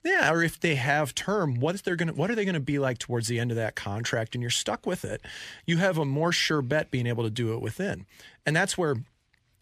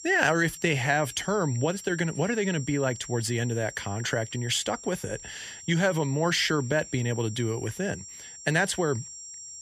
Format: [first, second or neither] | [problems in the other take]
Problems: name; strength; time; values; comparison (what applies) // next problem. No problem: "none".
first | high-pitched whine; noticeable; throughout; 7.5 kHz, 15 dB below the speech